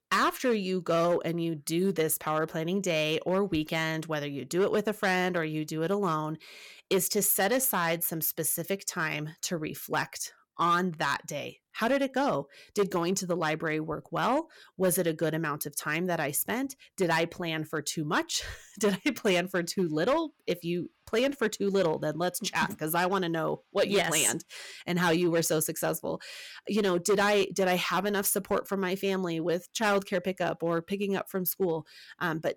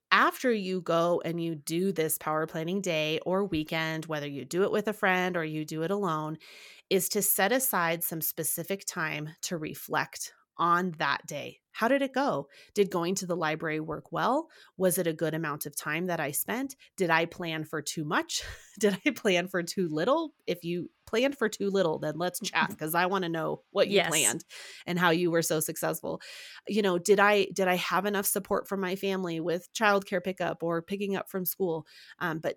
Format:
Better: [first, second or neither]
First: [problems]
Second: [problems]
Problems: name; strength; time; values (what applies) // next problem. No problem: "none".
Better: second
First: distortion; slight; 4% of the sound clipped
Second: none